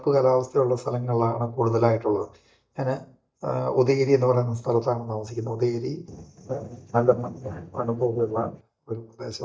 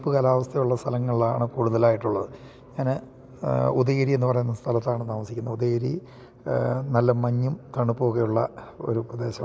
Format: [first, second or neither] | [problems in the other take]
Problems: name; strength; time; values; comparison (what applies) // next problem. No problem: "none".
second | noise reduction (neural mask model DeepFilterNet 3)